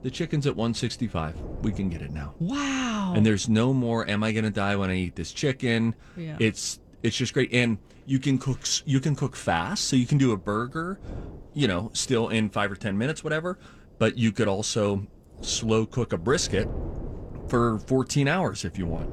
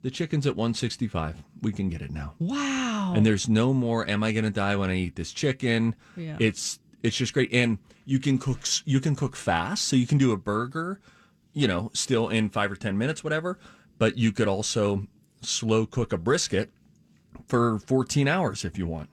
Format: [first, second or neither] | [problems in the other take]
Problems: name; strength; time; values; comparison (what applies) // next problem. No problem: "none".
second | wind noise on the microphone; occasional gusts; 20 dB below the speech